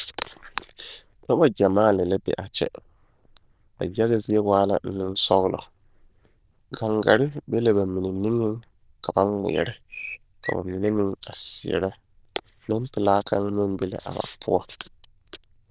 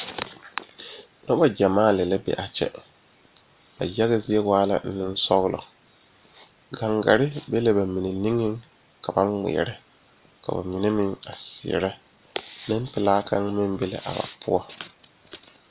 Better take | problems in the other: second | noise reduction (neural diffusion model UNIVERSE++)

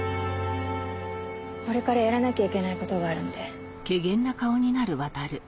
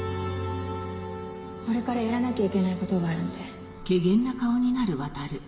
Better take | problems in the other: first | room echo; dies away in 1.3 s

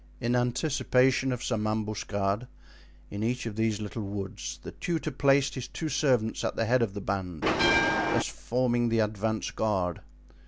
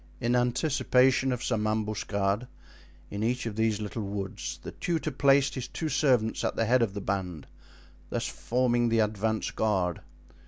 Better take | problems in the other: second | background sound (Bell); 3 dB above the speech

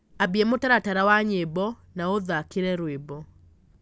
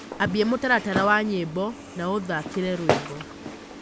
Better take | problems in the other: first | background sound (Walk, footsteps); 6 dB below the speech

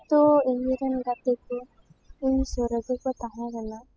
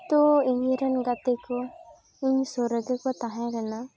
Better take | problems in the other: second | noise reduction (classical method spectral subtraction)

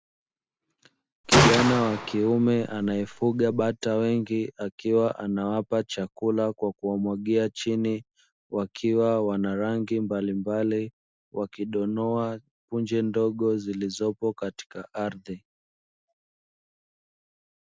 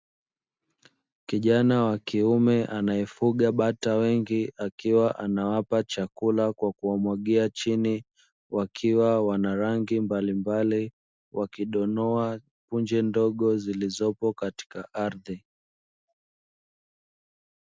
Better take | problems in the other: second | background sound (Gunshot, gunfire); 1 dB above the speech

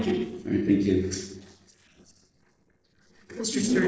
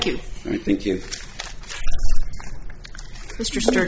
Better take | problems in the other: second | noise reduction (neural separator model SepFormer DNS4)

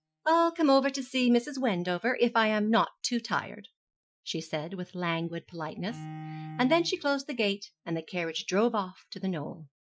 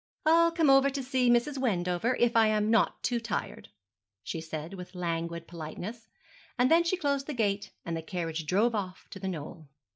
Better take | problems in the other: second | noise reduction (classical method Wiener filter)

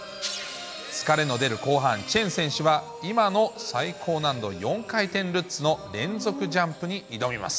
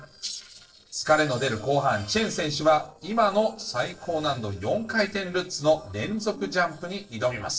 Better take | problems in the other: first | noise reduction (neural separator model SepFormer DNS4)

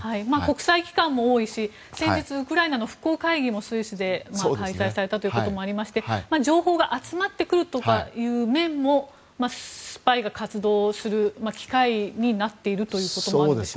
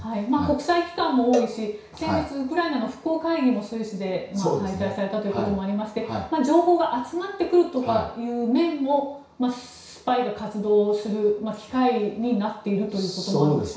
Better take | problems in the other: first | background sound (Cowbell); 13 dB below the speech // room echo; dies away in 0.6 s

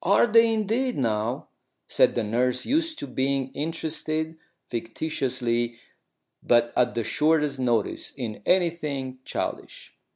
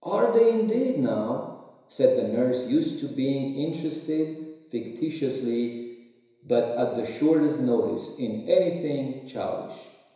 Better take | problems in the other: first | room echo; dies away in 1 s

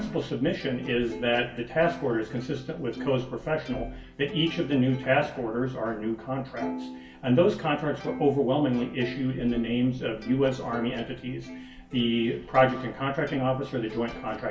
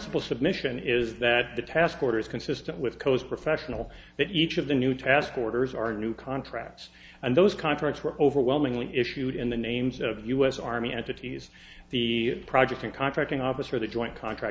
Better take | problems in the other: second | background sound (Plucked string instrument); 14 dB below the speech // room echo; dies away in 0.2 s

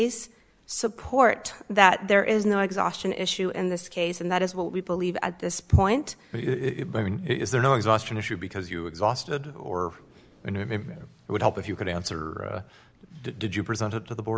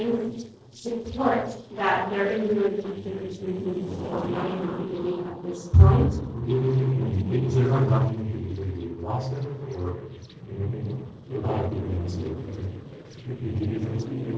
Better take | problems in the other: first | noise reduction (neural separator model SepFormer DNS4)

